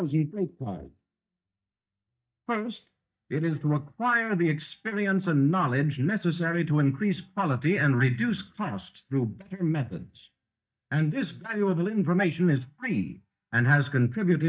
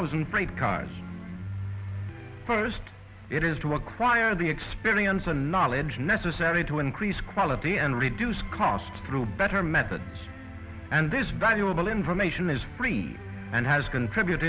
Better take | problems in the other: second | noise reduction (neural mask model DeepFilterNet 3)

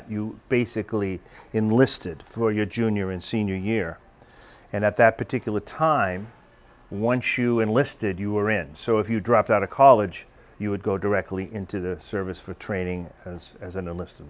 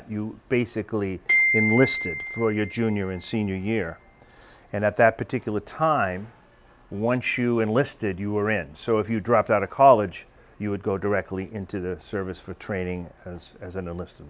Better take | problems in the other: first | background sound (Glockenspiel); 3 dB below the speech

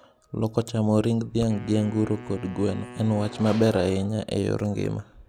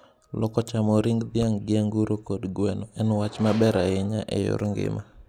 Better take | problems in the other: second | background sound (Wind instrument, woodwind instrument); 18 dB below the speech

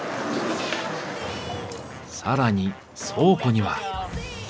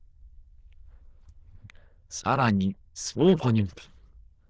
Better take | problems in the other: first | noise reduction (neural diffusion model UNIVERSE++)

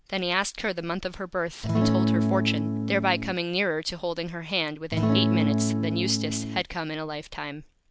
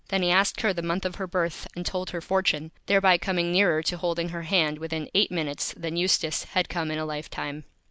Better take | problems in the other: second | background sound (Acoustic guitar / Strum); 4 dB above the speech

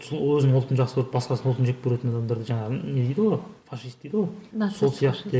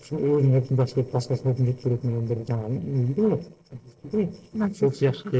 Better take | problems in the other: first | noise reduction (neural separator model SepFormer DNS4)

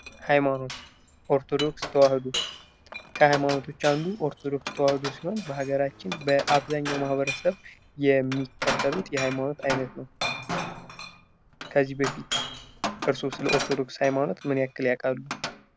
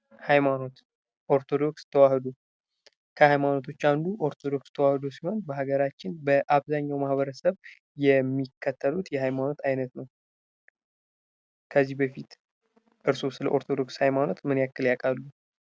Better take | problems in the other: second | background sound (Glass); 8 dB below the speech

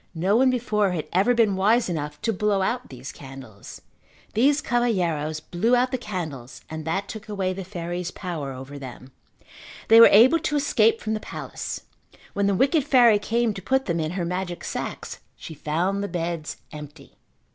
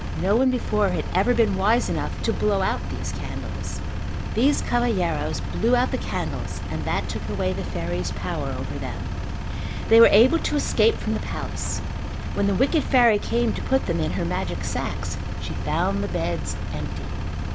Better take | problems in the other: first | background sound (Engine); 3 dB below the speech

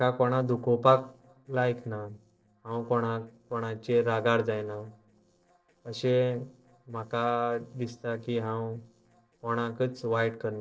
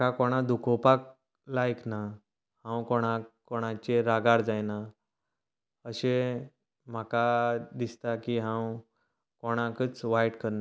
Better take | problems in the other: second | noise reduction (neural separator model SepFormer DNS4)

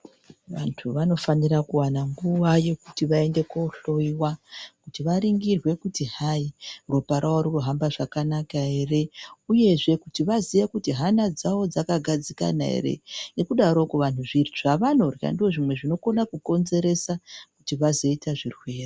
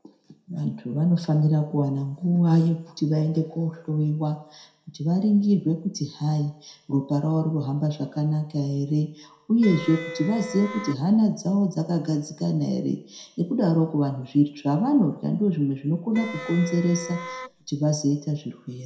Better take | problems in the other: first | background sound (Wind instrument, woodwind instrument); 12 dB below the speech // room echo; dies away in 0.6 s

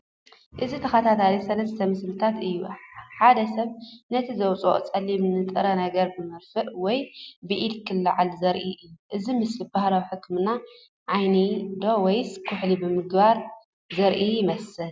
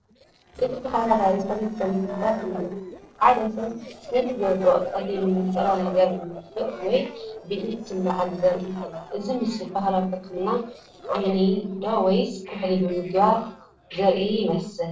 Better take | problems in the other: first | noise reduction (neural separator model SepFormer DNS4)

